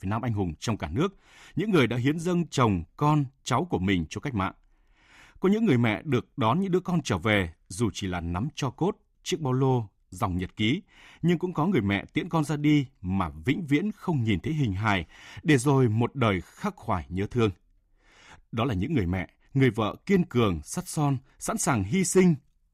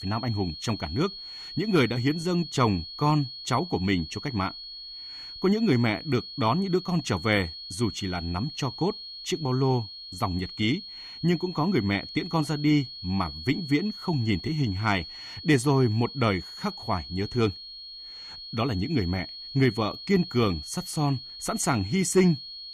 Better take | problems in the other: first | high-pitched whine; noticeable; throughout; 4.5 kHz, 10 dB below the speech

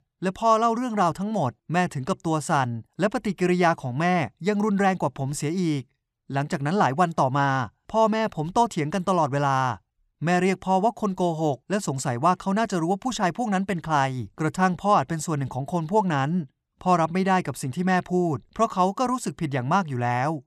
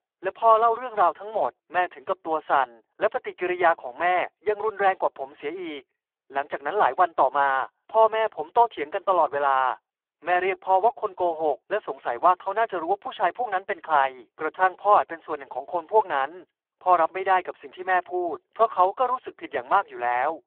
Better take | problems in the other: first | phone-call audio; poor line

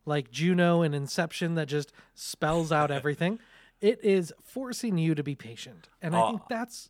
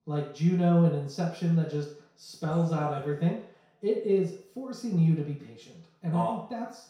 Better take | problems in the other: first | room echo; noticeable; dies away in 0.5 s // off-mic speech; far

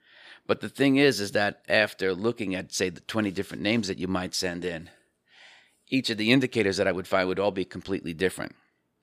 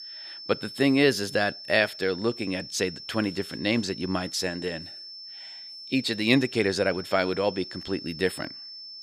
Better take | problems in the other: first | high-pitched whine; noticeable; throughout; 5.5 kHz, 10 dB below the speech

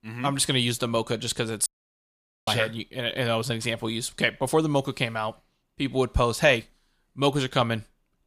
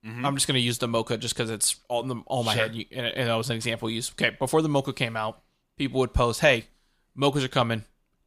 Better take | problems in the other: second | audio cutting out; at 1.5 s for 1 s

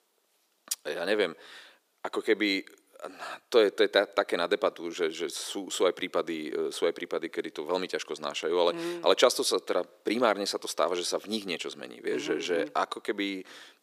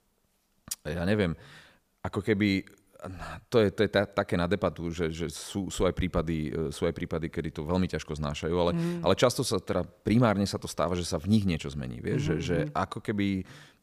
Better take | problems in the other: second | thin; somewhat; fading below 350 Hz

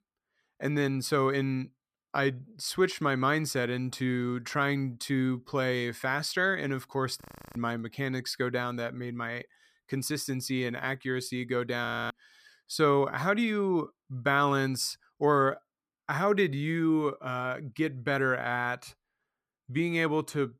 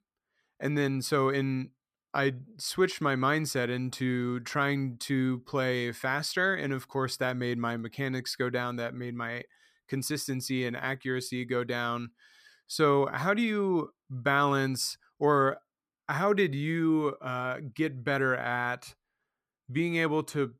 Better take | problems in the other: second | audio freezing; at 7 s and at 12 s

